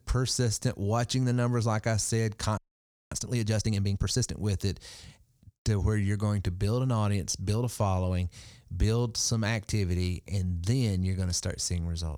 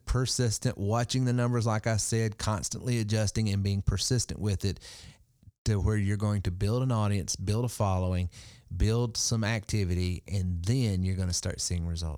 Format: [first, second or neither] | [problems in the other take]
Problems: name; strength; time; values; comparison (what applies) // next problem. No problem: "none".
second | audio freezing; at 2.5 s for 0.5 s